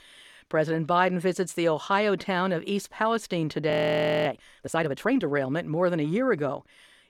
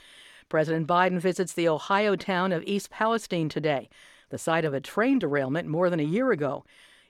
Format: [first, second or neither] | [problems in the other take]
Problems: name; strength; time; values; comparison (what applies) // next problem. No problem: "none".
second | audio freezing; at 3.5 s for 0.5 s